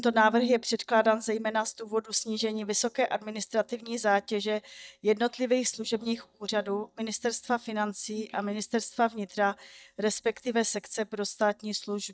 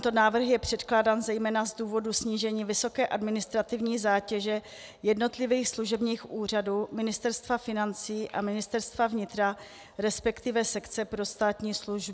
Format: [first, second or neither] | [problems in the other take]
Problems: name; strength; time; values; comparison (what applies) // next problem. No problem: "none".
second | noise reduction (neural mask model DeepFilterNet 3)